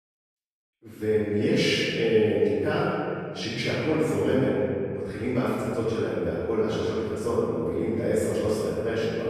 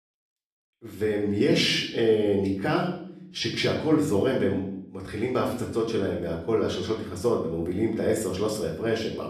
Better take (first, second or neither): second